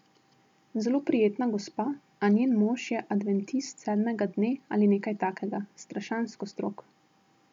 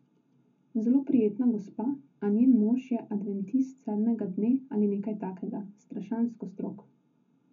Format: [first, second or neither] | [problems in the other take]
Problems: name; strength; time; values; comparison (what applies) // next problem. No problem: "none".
first | room echo; dies away in 0.3 s